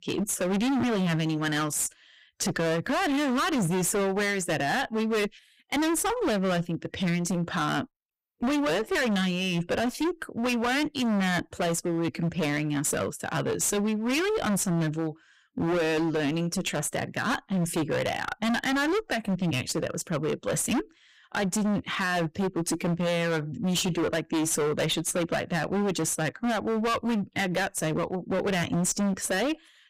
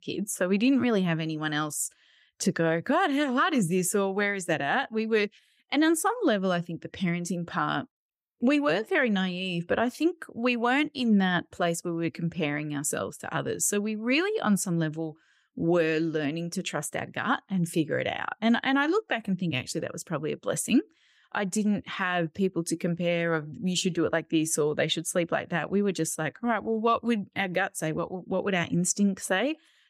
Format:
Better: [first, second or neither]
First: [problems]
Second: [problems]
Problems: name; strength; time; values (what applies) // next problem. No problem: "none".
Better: second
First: distortion; heavy; 29% of the sound clipped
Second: none